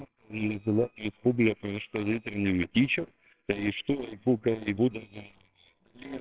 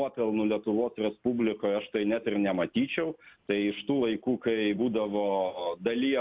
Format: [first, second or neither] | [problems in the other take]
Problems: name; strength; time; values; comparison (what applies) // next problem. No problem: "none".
second | noise reduction (neural separator model SepFormer WHAMR!)